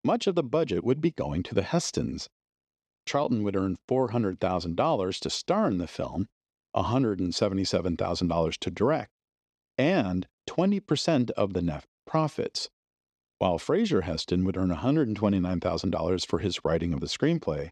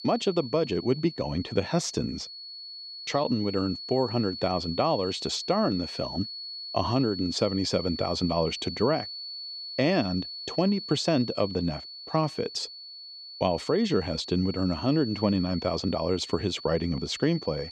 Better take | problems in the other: first | high-pitched whine; loud; throughout; 4.5 kHz, 9 dB below the speech

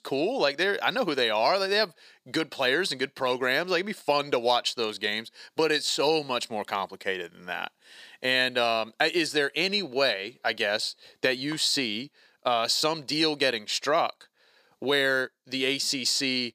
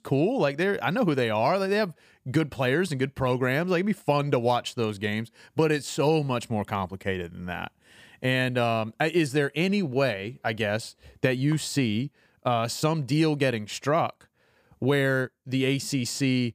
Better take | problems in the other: second | thin; somewhat; fading below 350 Hz

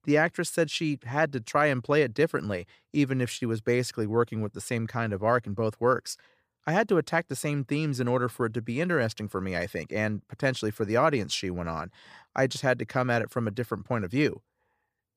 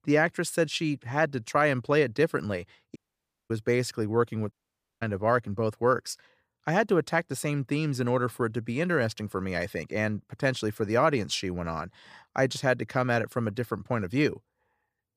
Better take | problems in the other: first | audio cutting out; at 3 s for 0.5 s and at 4.5 s

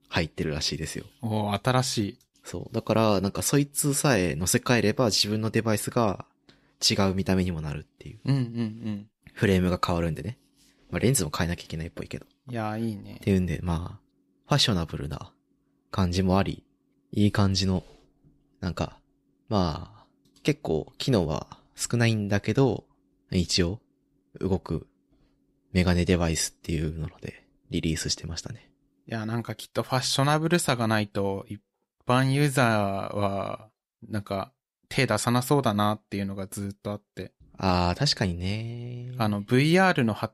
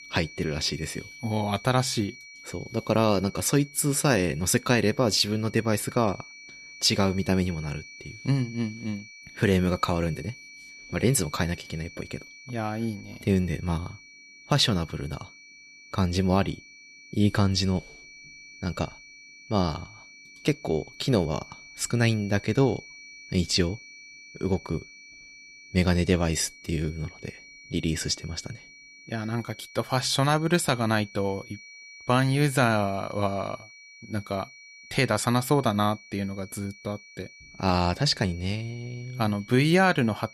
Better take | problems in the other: first | high-pitched whine; noticeable; throughout; 2.5 kHz, 20 dB below the speech

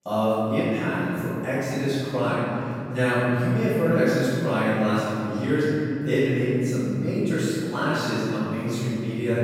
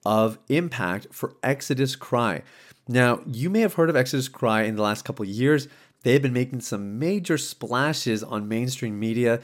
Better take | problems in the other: second | room echo; strong; dies away in 3 s // off-mic speech; far

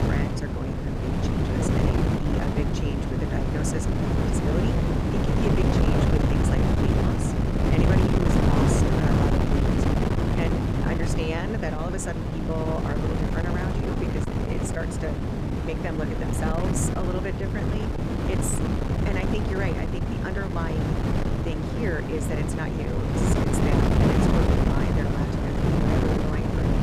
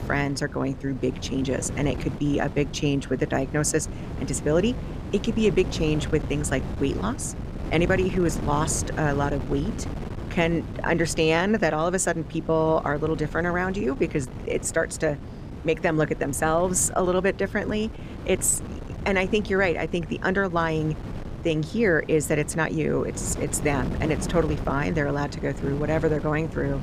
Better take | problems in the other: second | wind noise on the microphone; heavy; 4 dB above the speech; occasional gusts in the second

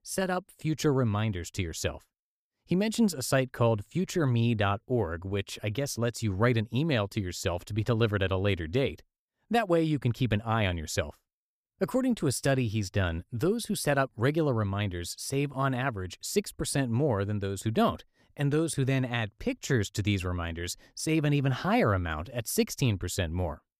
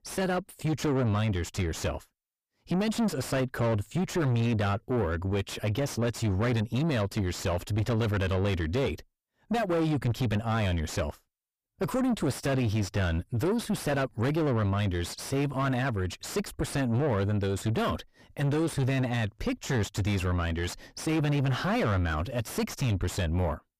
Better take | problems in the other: first | distortion; heavy; 6 dB below the speech

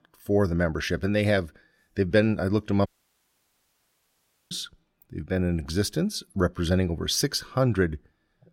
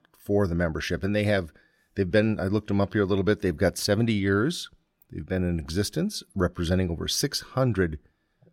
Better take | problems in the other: second | audio cutting out; at 3 s for 1.5 s

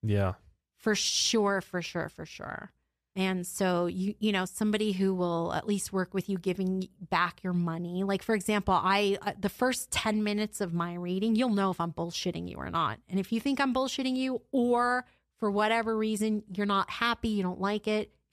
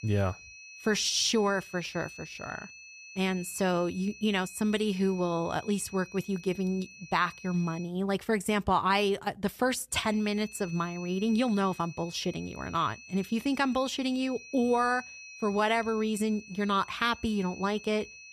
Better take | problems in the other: first | high-pitched whine; noticeable; until 8 s and from 10 s on; 2.5 kHz, 15 dB below the speech

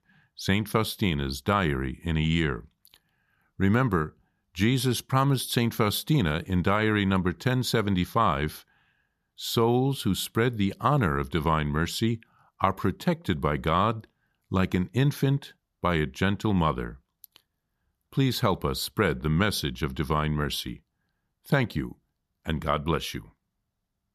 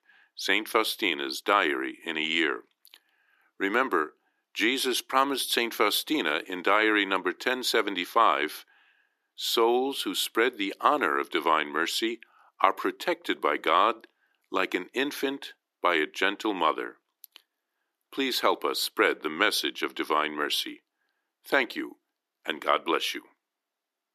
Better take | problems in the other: first | thin; very; fading below 300 Hz

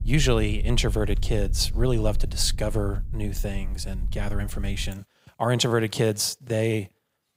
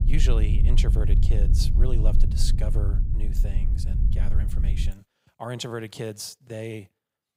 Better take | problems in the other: first | low rumble; loud; until 5 s; 6 dB below the speech; faint in the first

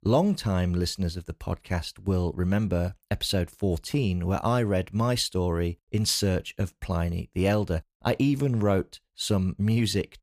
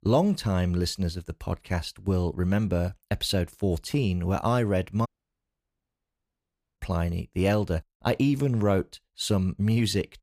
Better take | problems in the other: first | audio cutting out; at 5 s for 1.5 s

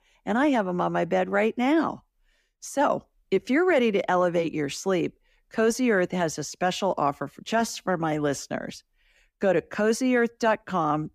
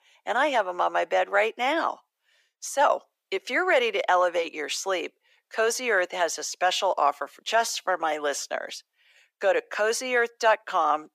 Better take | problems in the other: first | thin; very; fading below 550 Hz

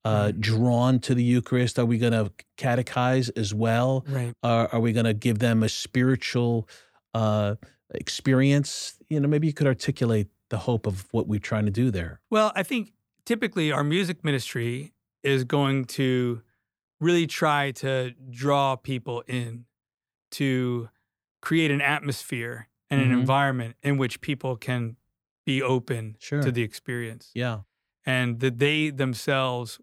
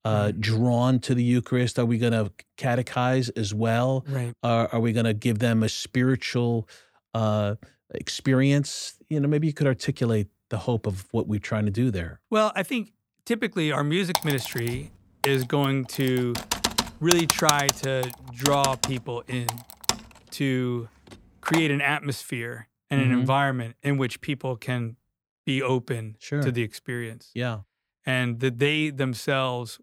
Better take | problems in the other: first | keyboard typing; loud; from 14 to 22 s; peak 3 dB above the speech

